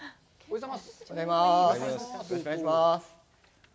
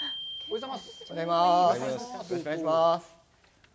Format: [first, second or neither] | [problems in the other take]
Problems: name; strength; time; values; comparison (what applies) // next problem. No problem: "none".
first | background sound (Glockenspiel); 16 dB below the speech